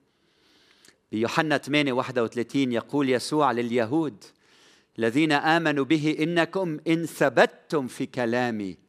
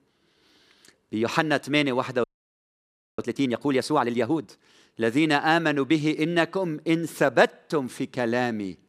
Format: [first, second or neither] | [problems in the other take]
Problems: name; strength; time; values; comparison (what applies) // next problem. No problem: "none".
first | audio freezing; at 2 s for 1 s